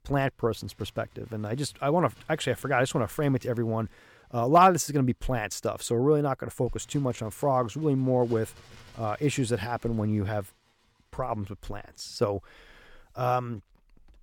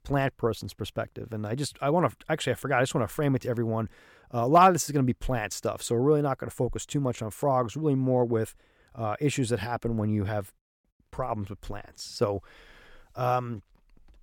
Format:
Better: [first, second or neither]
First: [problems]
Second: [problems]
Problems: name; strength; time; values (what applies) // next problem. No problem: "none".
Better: second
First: animal sounds; faint; throughout; 30 dB below the speech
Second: none